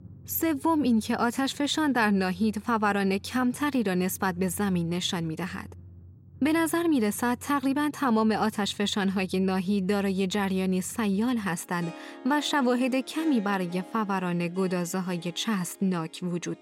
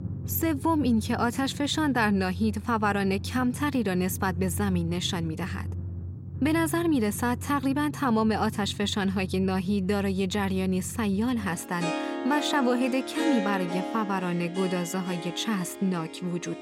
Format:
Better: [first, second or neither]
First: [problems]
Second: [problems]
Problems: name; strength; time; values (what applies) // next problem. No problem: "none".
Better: first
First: background music; faint; throughout; 20 dB below the speech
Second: background music; loud; throughout; 9 dB below the speech